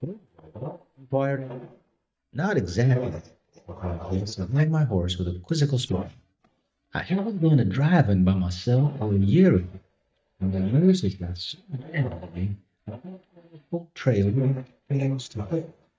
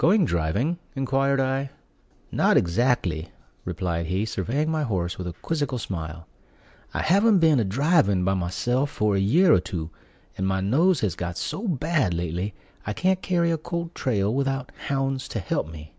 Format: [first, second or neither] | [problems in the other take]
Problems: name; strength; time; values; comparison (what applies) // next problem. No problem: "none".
second | noise reduction (neural mask model DeepFilterNet 3)